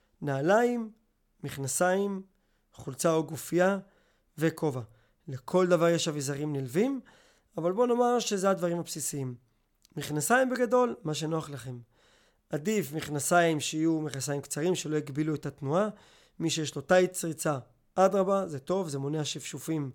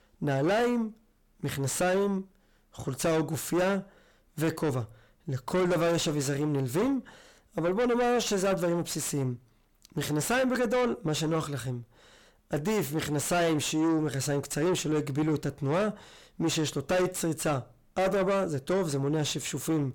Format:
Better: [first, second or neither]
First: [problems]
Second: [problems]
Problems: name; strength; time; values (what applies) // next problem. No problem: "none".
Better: first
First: none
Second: distortion; heavy; 5 dB below the speech